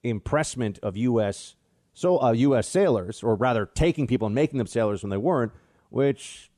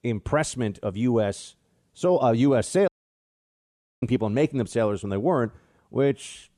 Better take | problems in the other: first | audio cutting out; at 3 s for 1 s

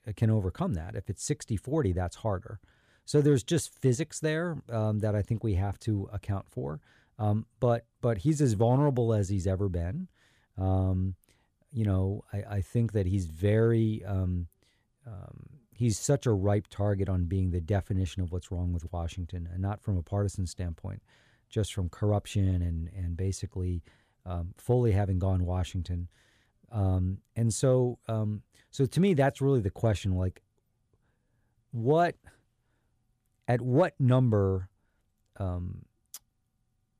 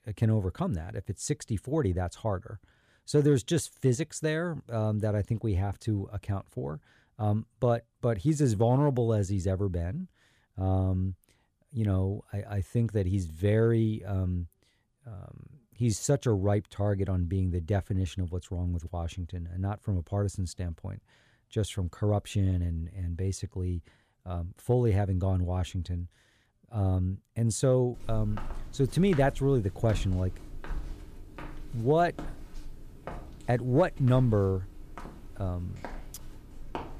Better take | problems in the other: first | footsteps; noticeable; from 28 s on; peak 9 dB below the speech

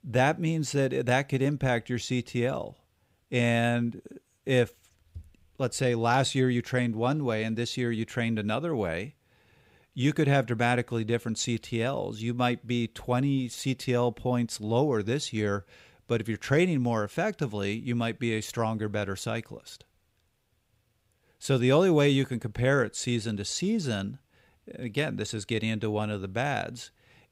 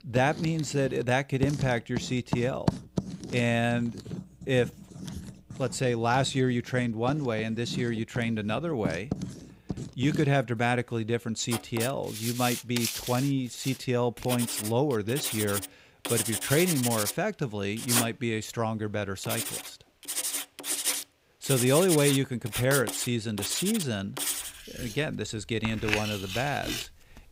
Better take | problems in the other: first | household noises; loud; throughout; 5 dB below the speech

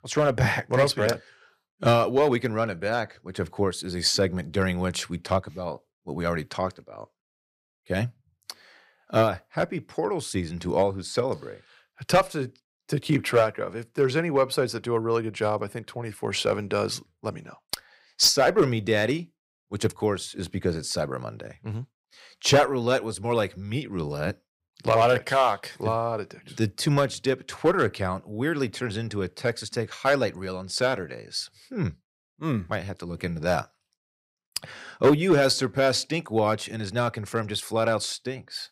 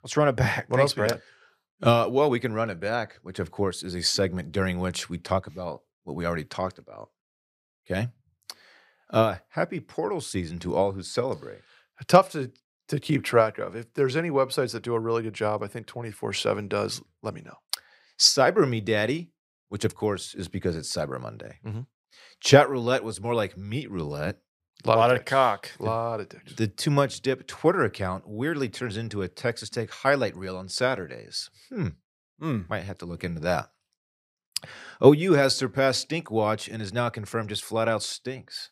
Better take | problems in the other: second | distortion; slight; 1.1% of the sound clipped

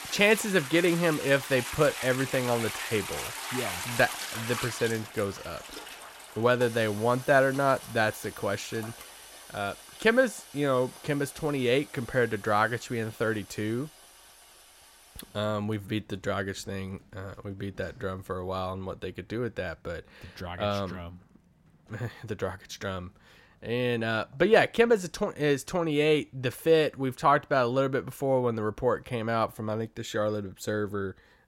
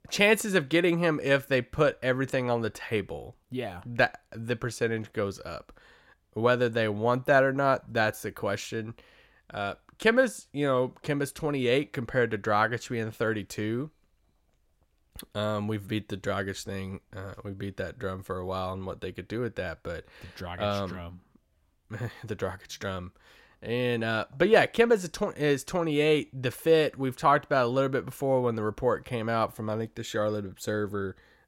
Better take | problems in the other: second | household noises; noticeable; throughout; 10 dB below the speech

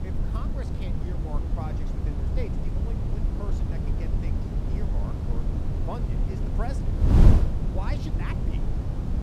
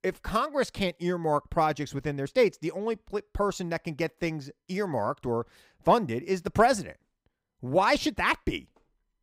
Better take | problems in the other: second | wind noise on the microphone; heavy; 3 dB above the speech

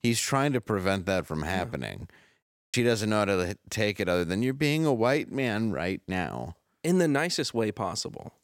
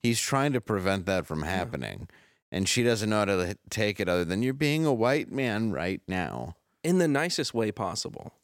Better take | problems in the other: second | audio cutting out; at 2.5 s

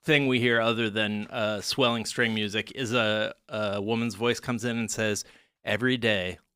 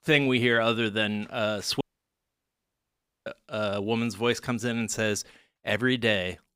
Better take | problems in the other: first | audio cutting out; at 2 s for 1.5 s

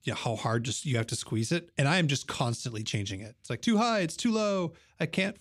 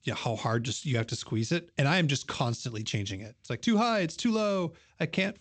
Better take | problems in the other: first | garbled, watery; slightly; nothing above 8 kHz

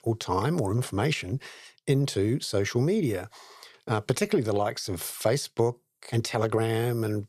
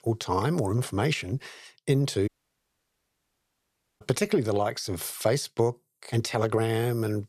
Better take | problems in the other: first | audio cutting out; at 2.5 s for 1.5 s

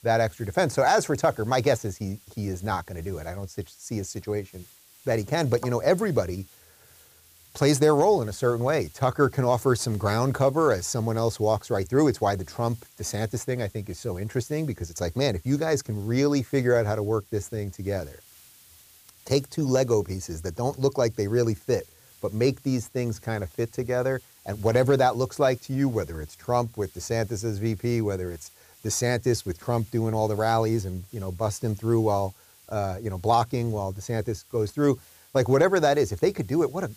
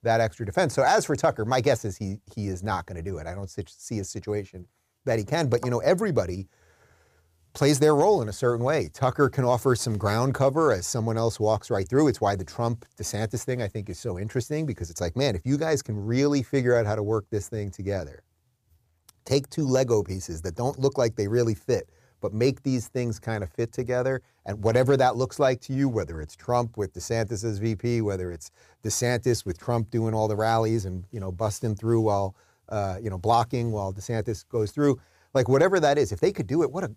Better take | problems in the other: second | hiss; faint; throughout; 25 dB below the speech

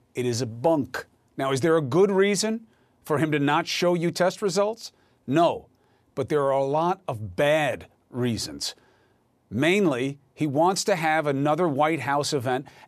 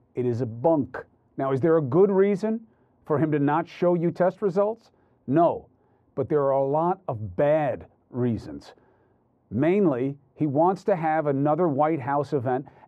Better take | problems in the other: first | muffled; very; fading above 2.5 kHz

